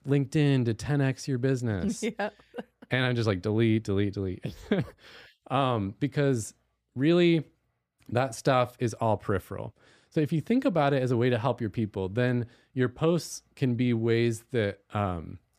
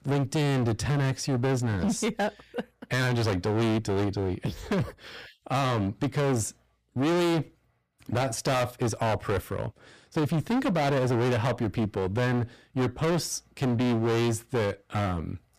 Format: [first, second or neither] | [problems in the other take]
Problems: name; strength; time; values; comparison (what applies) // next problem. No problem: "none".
first | distortion; heavy; 24% of the sound clipped